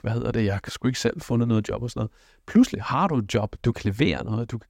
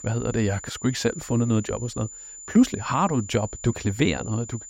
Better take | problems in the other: first | high-pitched whine; noticeable; throughout; 7 kHz, 15 dB below the speech

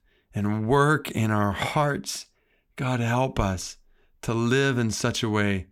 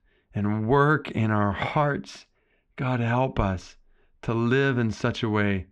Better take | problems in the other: first | muffled; slightly; fading above 3 kHz

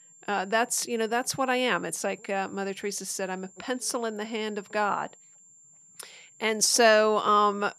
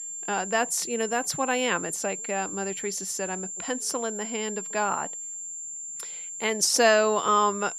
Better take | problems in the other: first | high-pitched whine; loud; throughout; 7.5 kHz, 7 dB below the speech; faint in the first

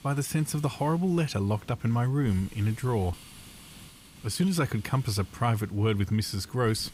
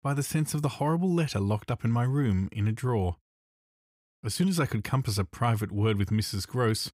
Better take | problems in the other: second | hiss; faint; throughout; 20 dB below the speech

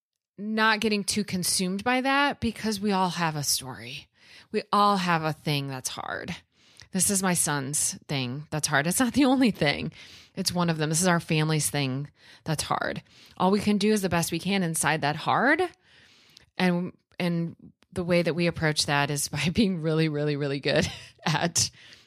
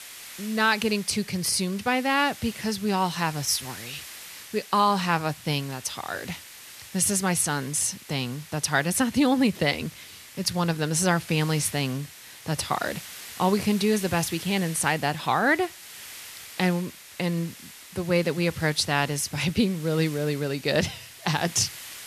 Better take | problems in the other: first | hiss; noticeable; throughout; 15 dB below the speech

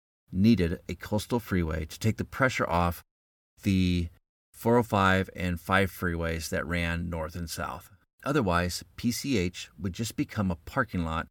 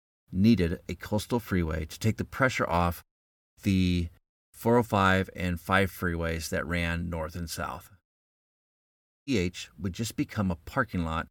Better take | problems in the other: first | audio cutting out; at 8 s for 1 s

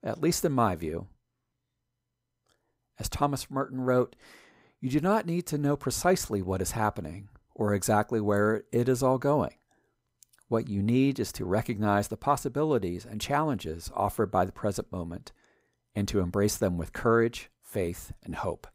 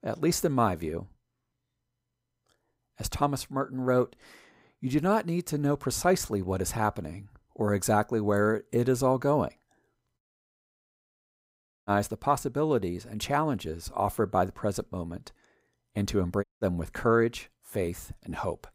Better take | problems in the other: first | audio cutting out; at 10 s for 1.5 s and at 16 s

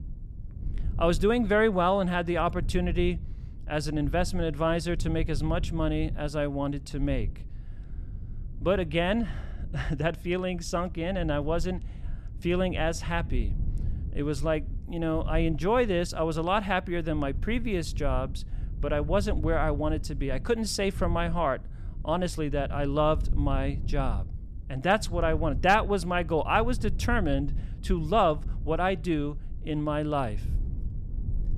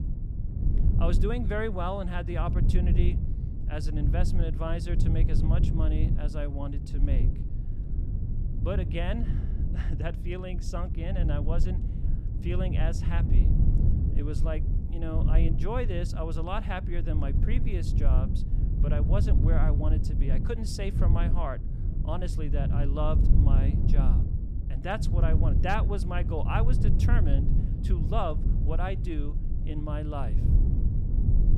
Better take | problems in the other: first | low rumble; loud; throughout; 6 dB below the speech; faint in the first

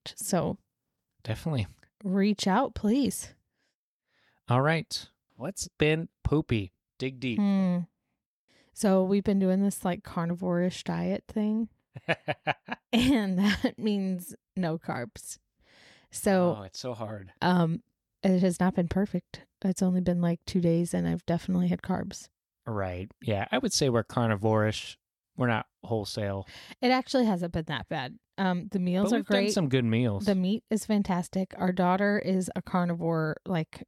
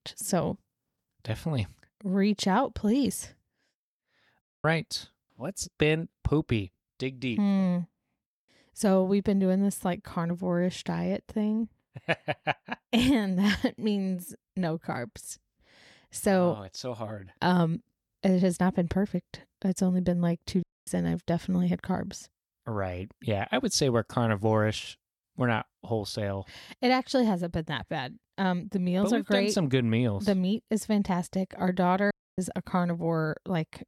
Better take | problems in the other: first | audio cutting out; at 4.5 s, at 21 s and at 32 s

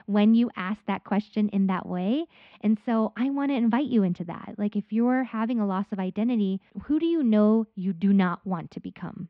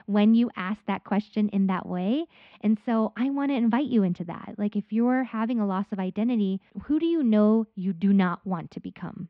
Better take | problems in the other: neither | muffled; slightly; fading above 3.5 kHz; the same in both

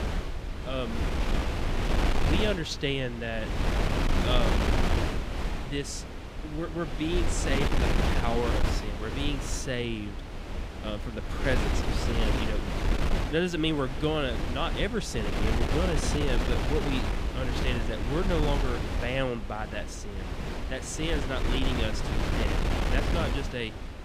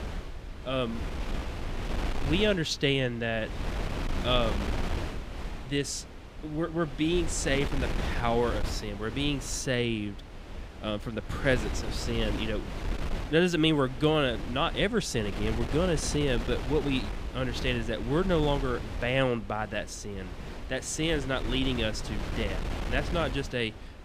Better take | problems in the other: second | wind noise on the microphone; heavy; 1 dB below the speech; occasional gusts in the second

